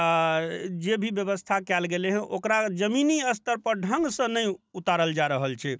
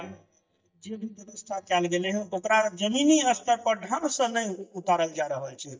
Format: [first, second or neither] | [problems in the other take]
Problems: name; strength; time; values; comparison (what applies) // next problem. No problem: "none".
first | noise reduction (neural mask model DeepFilterNet 3)